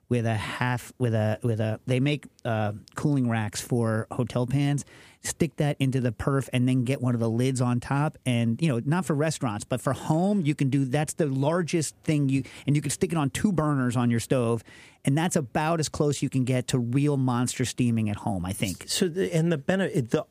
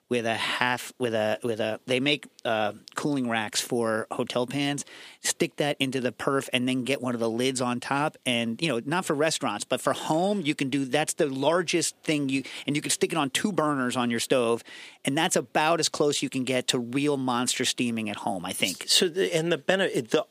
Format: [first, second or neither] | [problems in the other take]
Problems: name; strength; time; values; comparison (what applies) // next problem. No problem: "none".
first | thin; somewhat; fading below 300 Hz